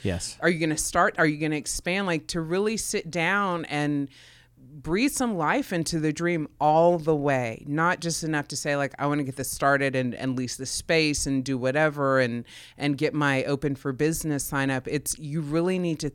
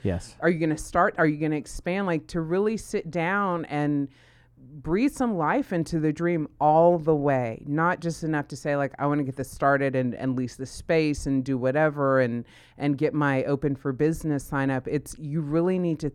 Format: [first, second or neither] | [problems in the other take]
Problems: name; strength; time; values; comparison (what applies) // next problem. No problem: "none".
first | muffled; slightly; fading above 2 kHz